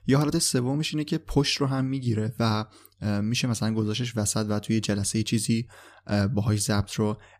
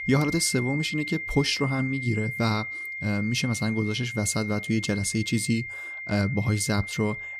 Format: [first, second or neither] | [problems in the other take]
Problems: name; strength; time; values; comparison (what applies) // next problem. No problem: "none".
first | high-pitched whine; loud; throughout; 2 kHz, 6 dB below the speech